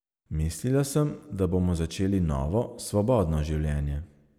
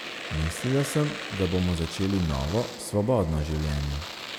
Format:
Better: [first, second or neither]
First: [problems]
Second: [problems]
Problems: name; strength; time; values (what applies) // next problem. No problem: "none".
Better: first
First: none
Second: background sound (Domestic sounds, home sounds); 10 dB below the speech